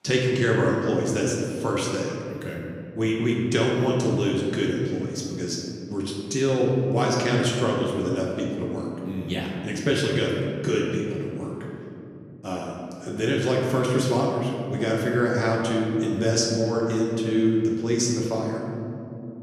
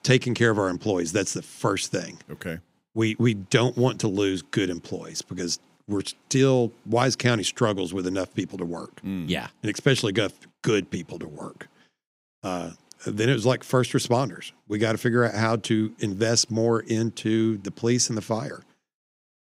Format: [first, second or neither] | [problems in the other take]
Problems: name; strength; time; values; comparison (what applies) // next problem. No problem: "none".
second | room echo; noticeable; dies away in 2.9 s // off-mic speech; far